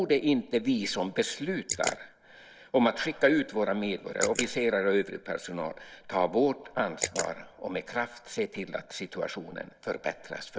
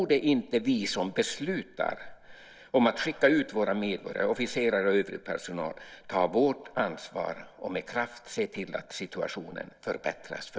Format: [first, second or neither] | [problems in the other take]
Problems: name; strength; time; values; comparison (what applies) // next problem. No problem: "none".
second | noise reduction (neural mask model Resemble Enhance denoiser)